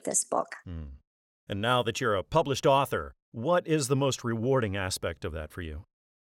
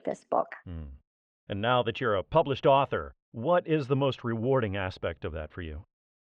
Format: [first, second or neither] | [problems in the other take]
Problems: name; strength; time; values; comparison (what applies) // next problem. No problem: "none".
first | muffled; very; fading above 3 kHz